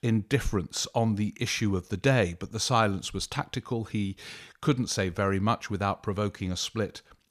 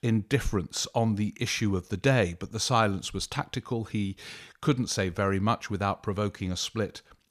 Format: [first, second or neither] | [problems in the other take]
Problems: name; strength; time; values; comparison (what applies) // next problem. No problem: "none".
neither | none